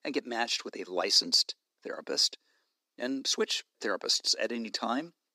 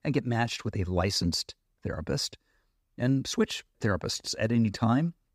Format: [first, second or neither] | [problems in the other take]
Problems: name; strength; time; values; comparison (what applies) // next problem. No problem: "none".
second | thin; somewhat; fading below 300 Hz